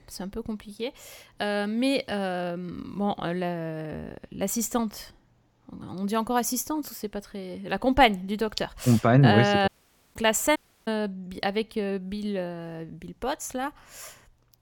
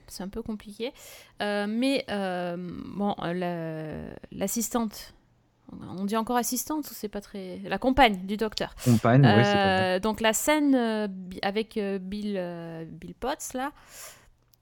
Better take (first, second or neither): second